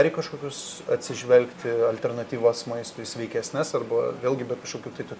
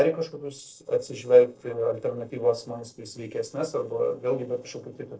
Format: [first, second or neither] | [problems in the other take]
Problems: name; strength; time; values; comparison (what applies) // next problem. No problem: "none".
first | noise reduction (neural separator model SepFormer DNS4)